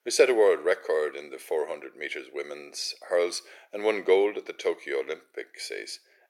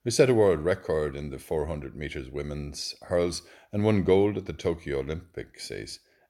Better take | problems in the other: second | thin; very; fading below 400 Hz

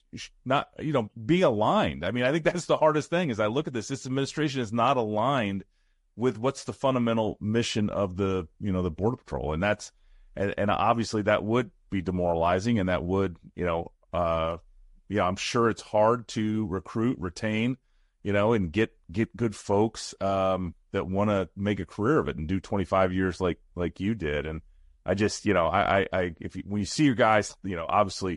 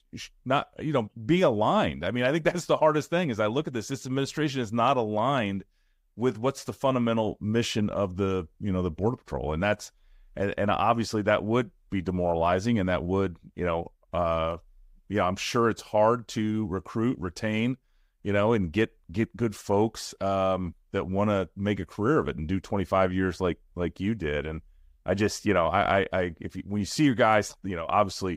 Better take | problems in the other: second | garbled, watery; slightly; nothing above 11 kHz

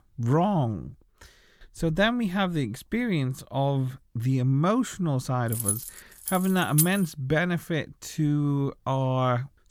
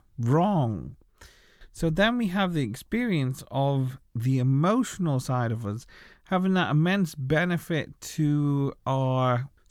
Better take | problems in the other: second | jangling keys; loud; from 5.5 to 7 s; peak level with the speech

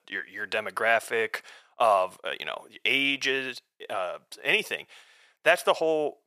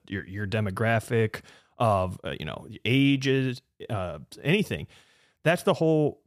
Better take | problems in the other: second | thin; very; fading below 700 Hz

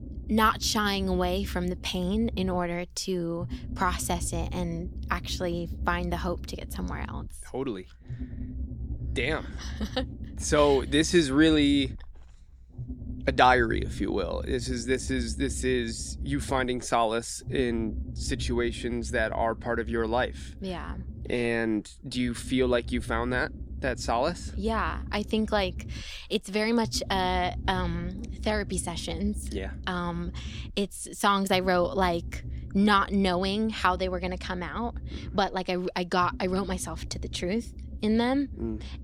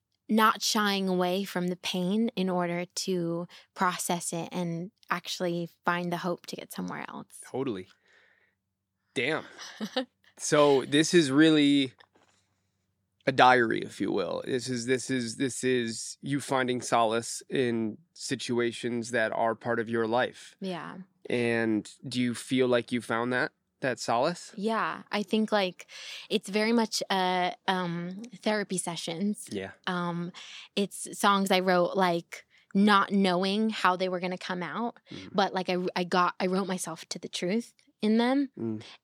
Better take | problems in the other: second | low rumble; faint; throughout; 20 dB below the speech

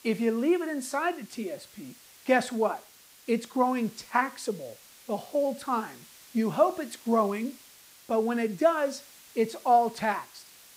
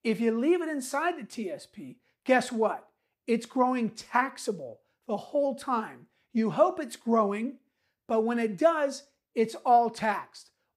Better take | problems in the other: second | hiss; faint; throughout; 20 dB below the speech

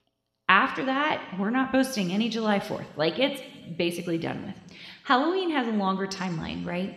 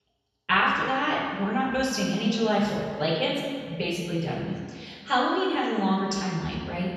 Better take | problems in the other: first | room echo; strong; dies away in 1.7 s; slight in the first // off-mic speech; far

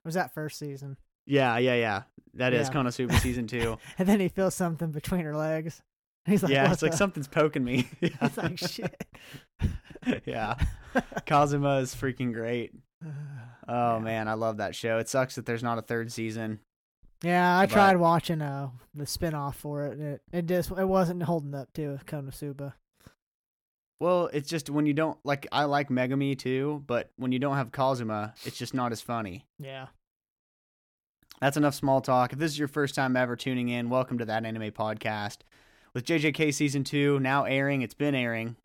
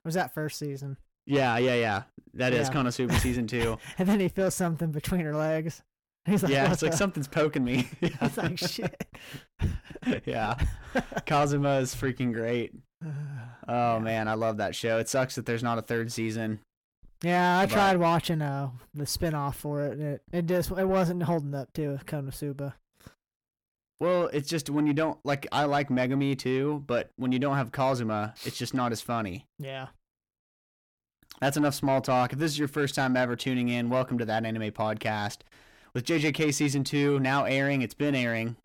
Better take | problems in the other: first | distortion; slight; 10 dB below the speech

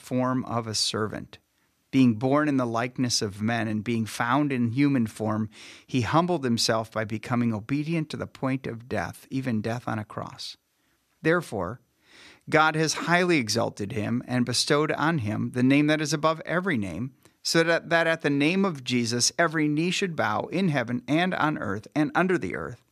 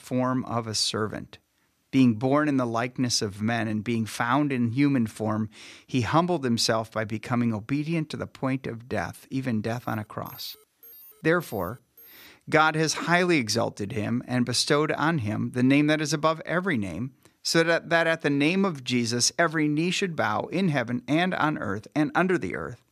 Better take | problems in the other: first | alarm; faint; from 10 to 12 s; peak 20 dB below the speech

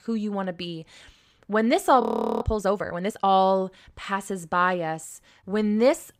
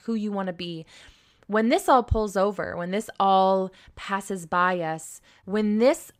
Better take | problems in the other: second | audio freezing; at 2 s

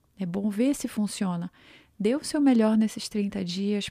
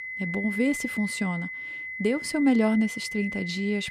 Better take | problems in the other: first | high-pitched whine; loud; throughout; 2 kHz, 6 dB below the speech

